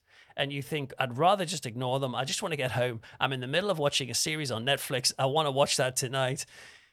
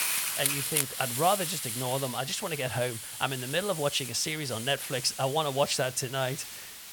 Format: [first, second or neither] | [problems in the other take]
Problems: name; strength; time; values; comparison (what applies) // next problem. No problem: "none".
first | hiss; loud; throughout; 3 dB below the speech